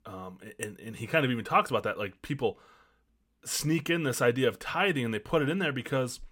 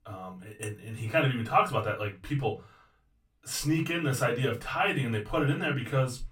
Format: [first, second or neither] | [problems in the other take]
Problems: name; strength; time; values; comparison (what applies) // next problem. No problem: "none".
first | off-mic speech; far // room echo; very slight; dies away in 0.2 s